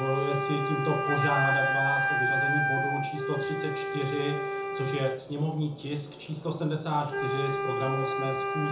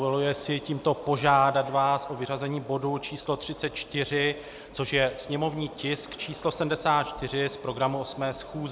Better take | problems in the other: second | background sound (Wind instrument, woodwind instrument); 1 dB above the speech // room echo; dies away in 0.6 s

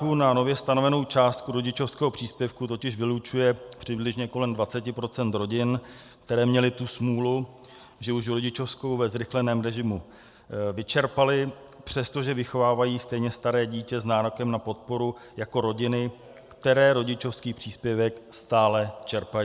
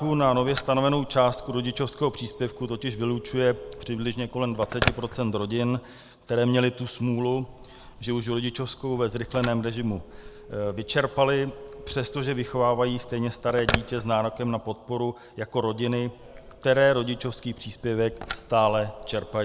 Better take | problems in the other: first | background sound (Telephone); 12 dB below the speech

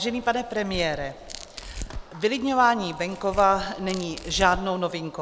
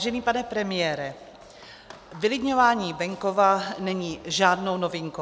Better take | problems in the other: second | background sound (Tearing); 14 dB below the speech

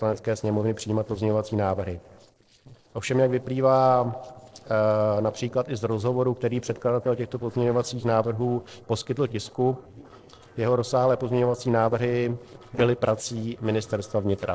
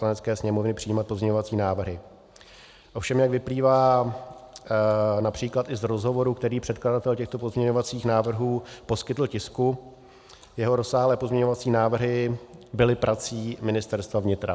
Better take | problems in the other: second | noise reduction (neural separator model SepFormer DNS4)

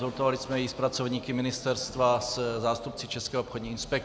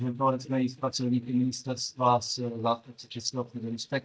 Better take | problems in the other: first | noise reduction (neural mask model DeepFilterNet 3)

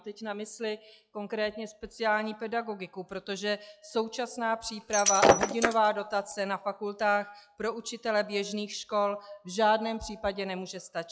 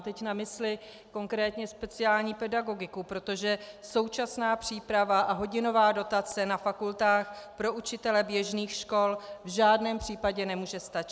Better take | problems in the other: second | noise reduction (classical method log-MMSE)

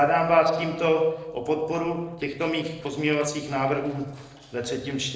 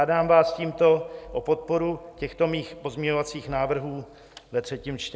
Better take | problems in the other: second | noise reduction (neural separator model SepFormer DNS4)

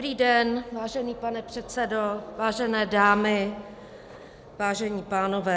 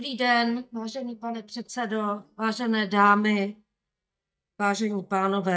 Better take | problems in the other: first | noise reduction (neural mask model DeepFilterNet 3)

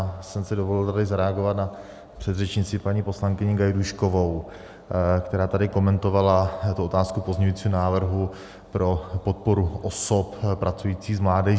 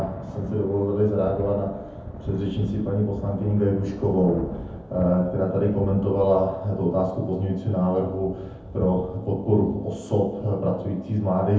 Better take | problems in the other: first | background sound (Thunder / Rain); 14 dB below the speech // room echo; dies away in 0.7 s

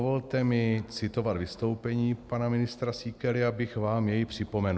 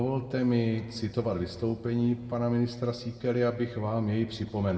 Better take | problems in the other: first | room echo; dies away in 1.3 s

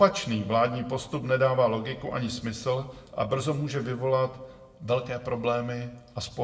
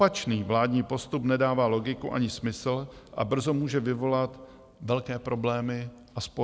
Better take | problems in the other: second | room echo; dies away in 0.5 s

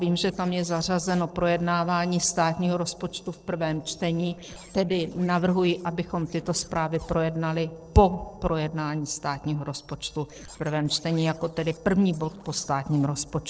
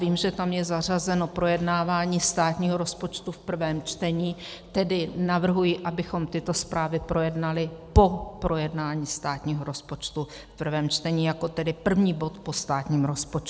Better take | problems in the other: second | noise reduction (neural separator model SepFormer DNS4)

